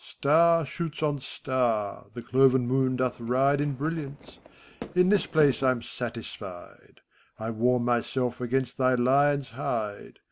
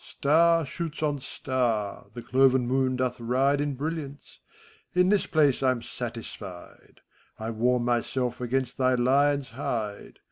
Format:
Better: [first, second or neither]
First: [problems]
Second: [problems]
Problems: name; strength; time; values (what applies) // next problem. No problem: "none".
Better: second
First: background sound (Fireworks); 17 dB below the speech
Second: none